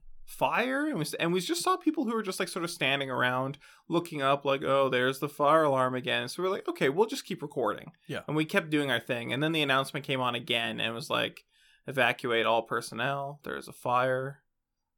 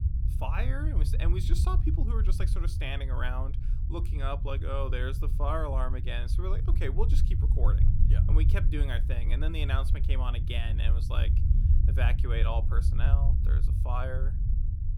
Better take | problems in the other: first | low rumble; loud; throughout; 8 dB below the speech

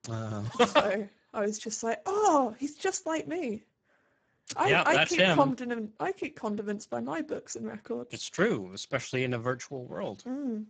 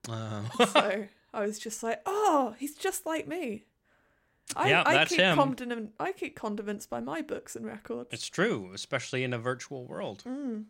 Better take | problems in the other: second | garbled, watery; badly; nothing above 7.5 kHz

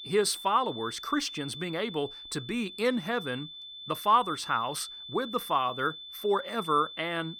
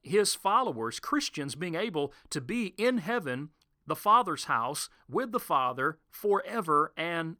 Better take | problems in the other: second | high-pitched whine; noticeable; throughout; 3.5 kHz, 10 dB below the speech

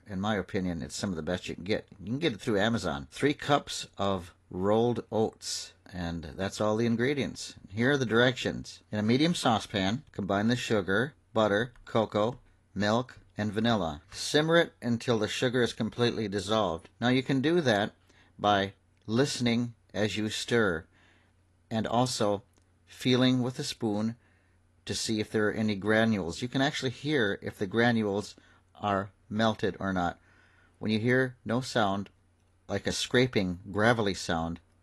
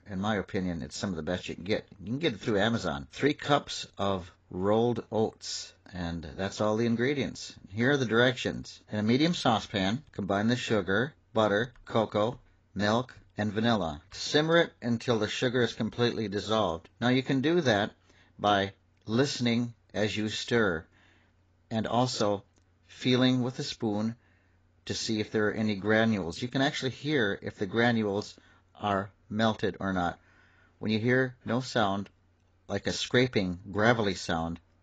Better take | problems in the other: first | garbled, watery; badly; nothing above 7.5 kHz; slightly in the first

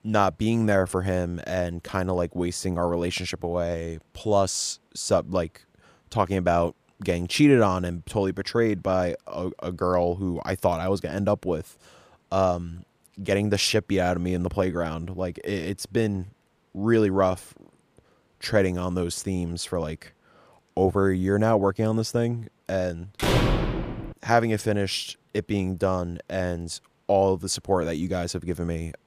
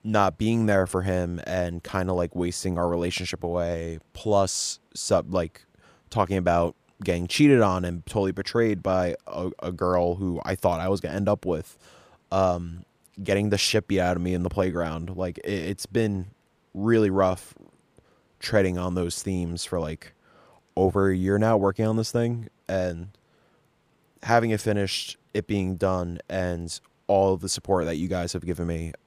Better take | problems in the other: second | door banging; loud; at 23 s; peak 4 dB above the speech

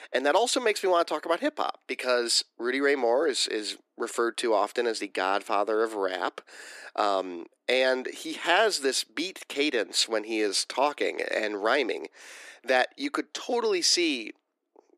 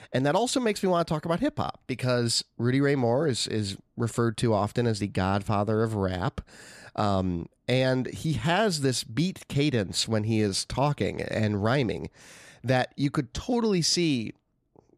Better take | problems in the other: second | thin; somewhat; fading below 300 Hz

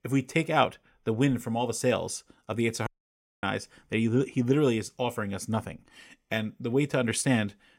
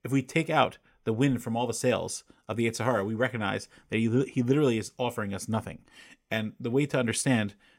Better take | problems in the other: second | audio cutting out; at 3 s for 0.5 s

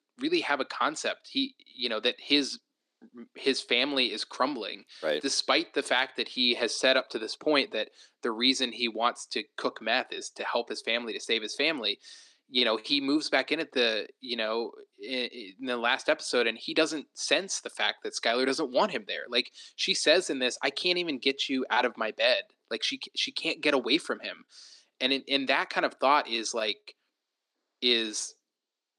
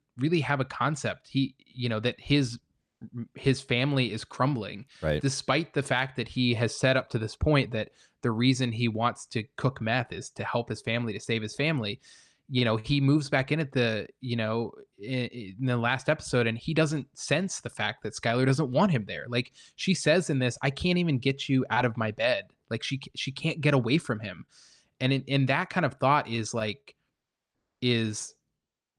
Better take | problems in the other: second | thin; somewhat; fading below 300 Hz

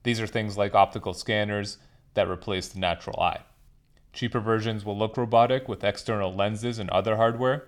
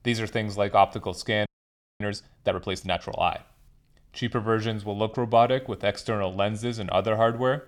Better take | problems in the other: first | audio freezing; at 1.5 s for 0.5 s

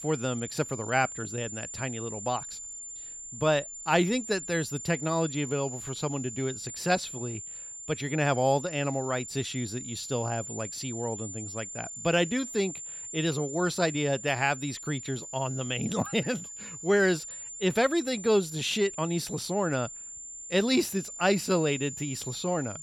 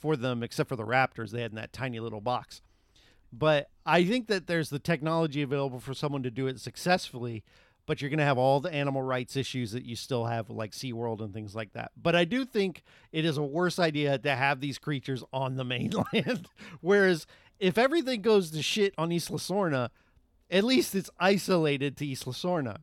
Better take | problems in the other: second | high-pitched whine; loud; throughout; 7 kHz, 9 dB below the speech

